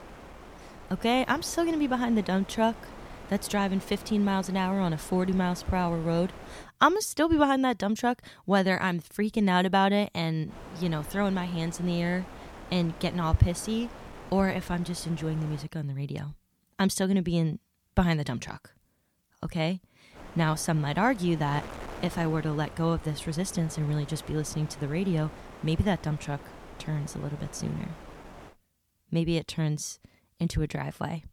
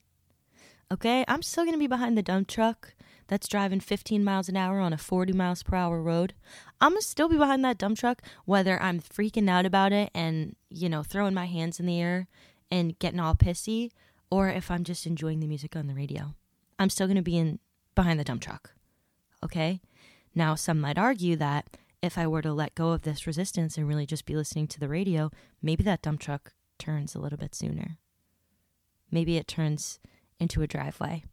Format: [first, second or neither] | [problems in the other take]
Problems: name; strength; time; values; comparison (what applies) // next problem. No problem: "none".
second | wind noise on the microphone; occasional gusts; until 6.5 s, from 11 to 16 s and from 20 to 29 s; 15 dB below the speech